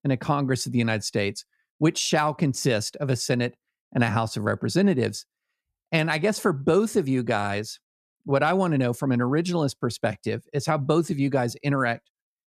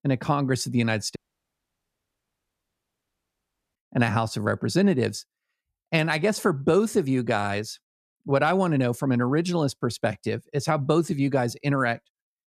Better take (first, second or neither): first